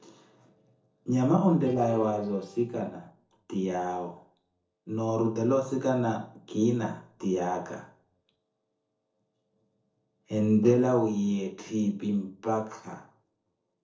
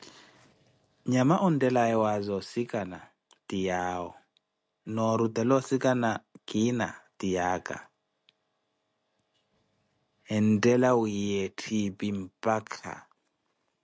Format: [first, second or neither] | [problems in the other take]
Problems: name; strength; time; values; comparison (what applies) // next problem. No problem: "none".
second | noise reduction (neural separator model SepFormer DNS4)